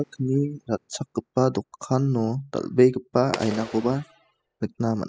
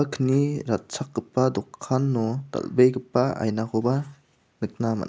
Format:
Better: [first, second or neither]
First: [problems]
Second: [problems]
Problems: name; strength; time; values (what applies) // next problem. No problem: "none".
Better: second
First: noise reduction (classical method spectral subtraction)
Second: none